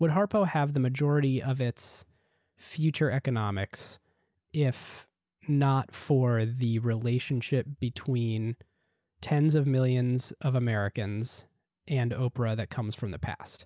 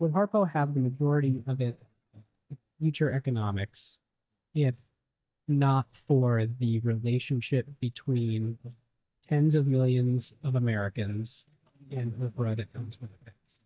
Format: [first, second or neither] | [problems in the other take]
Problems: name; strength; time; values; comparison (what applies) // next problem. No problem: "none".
first | noise reduction (neural mask model DeepFilterNet 3)